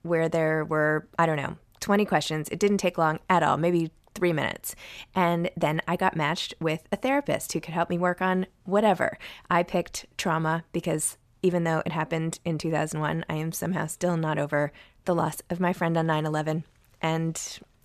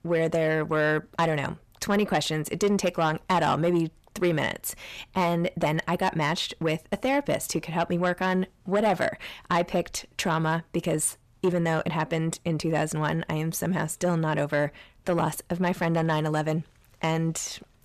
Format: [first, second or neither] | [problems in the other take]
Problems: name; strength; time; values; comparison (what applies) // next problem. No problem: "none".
first | distortion; slight; 10 dB below the speech